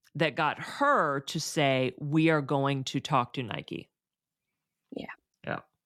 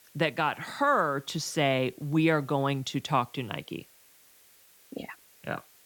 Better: first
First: none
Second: hiss; faint; throughout; 25 dB below the speech

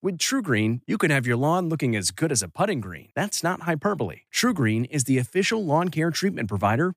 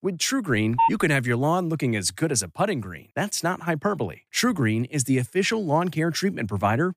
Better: first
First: none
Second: phone ringing; loud; at 0.5 s; peak 1 dB above the speech

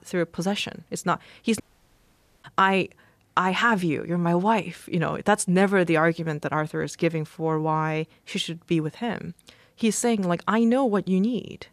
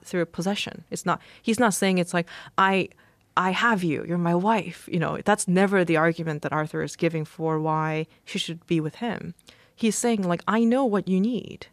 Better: second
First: audio cutting out; at 1.5 s for 1 s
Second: none

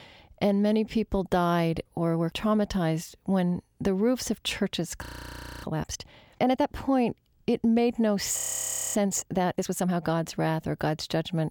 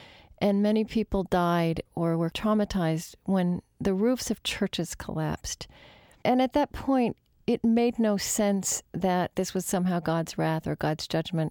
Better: second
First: audio freezing; at 5 s for 0.5 s and at 8.5 s for 0.5 s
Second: none

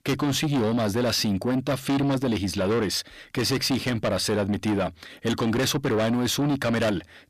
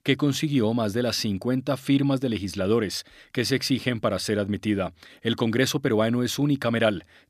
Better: second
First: distortion; heavy; 6 dB below the speech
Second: none

